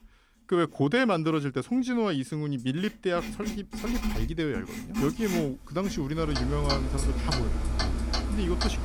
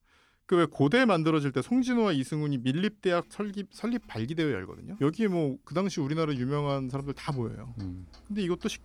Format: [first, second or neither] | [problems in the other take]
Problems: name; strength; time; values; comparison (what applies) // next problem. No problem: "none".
second | household noises; loud; throughout; 3 dB below the speech; faint in the second